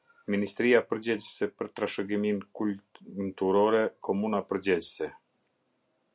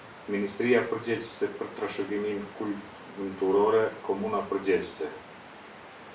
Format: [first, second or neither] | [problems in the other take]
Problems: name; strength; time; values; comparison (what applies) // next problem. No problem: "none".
first | background sound (Waves, surf); 17 dB below the speech // room echo; dies away in 0.3 s